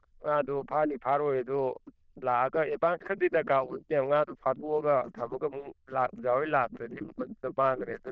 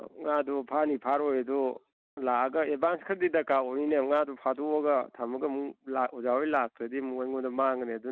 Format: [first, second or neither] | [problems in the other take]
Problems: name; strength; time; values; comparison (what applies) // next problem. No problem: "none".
second | noise reduction (neural diffusion model UNIVERSE++)